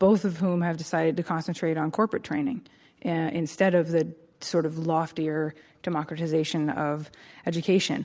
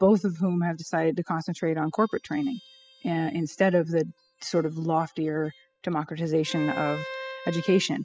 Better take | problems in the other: first | noise reduction (classical method spectral subtraction)

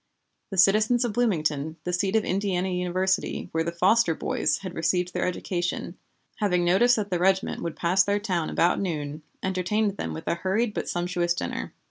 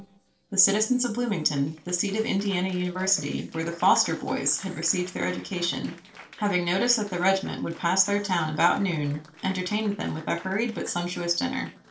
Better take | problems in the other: first | noise reduction (neural separator model SepFormer DNS4)

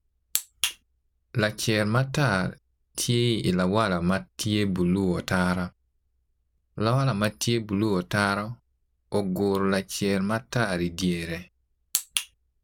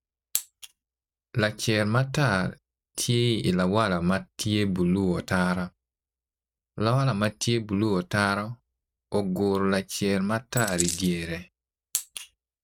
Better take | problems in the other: first | noise reduction (neural mask model RNNoise)

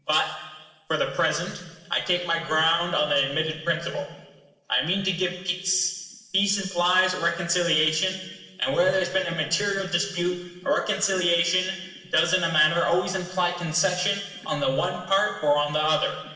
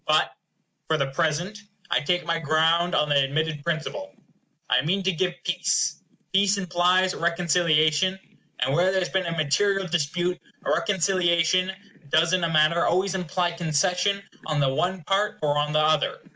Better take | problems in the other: second | room echo; dies away in 1.3 s

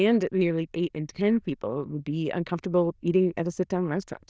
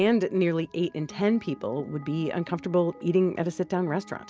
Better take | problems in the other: second | noise reduction (neural diffusion model UNIVERSE++)

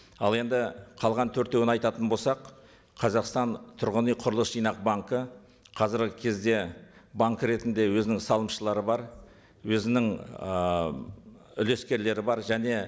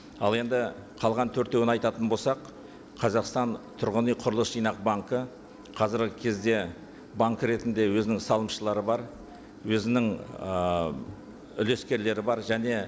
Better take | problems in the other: first | background sound (Engine); 19 dB below the speech

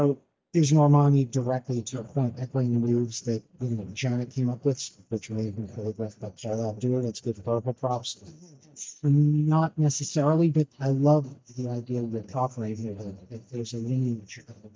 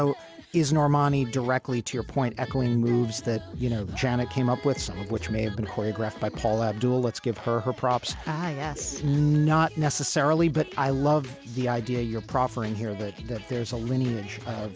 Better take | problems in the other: second | noise reduction (neural mask model DeepFilterNet 3)

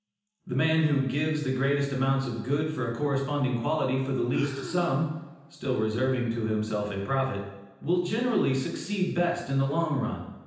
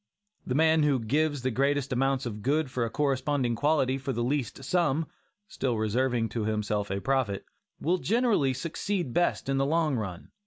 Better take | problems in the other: second | background sound (Breathing); 15 dB below the speech // room echo; dies away in 0.9 s

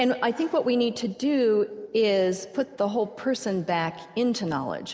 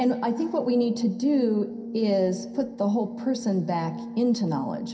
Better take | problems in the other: first | background sound (Brass instrument); 10 dB below the speech // room echo; dies away in 0.3 s

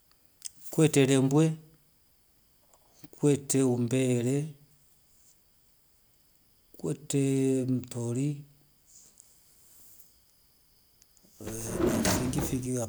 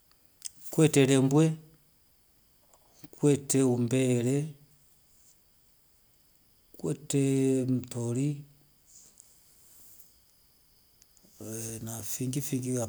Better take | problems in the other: second | background sound (Drawer open or close); 1 dB above the speech

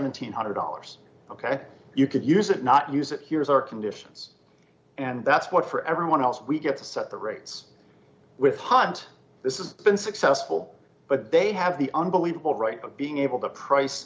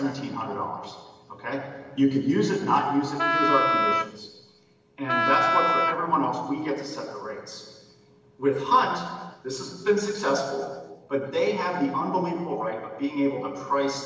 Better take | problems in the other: first | background sound (Wind instrument, woodwind instrument); 3 dB above the speech // room echo; dies away in 1.2 s

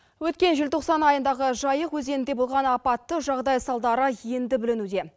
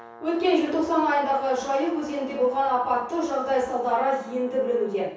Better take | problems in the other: first | background sound (Brass instrument); 20 dB below the speech // room echo; dies away in 0.6 s

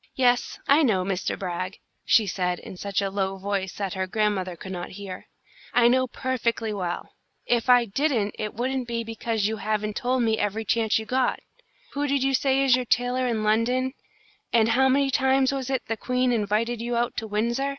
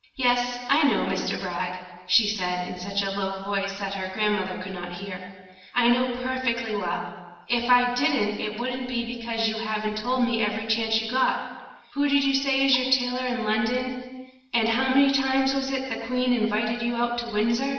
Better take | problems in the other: first | room echo; dies away in 1.2 s

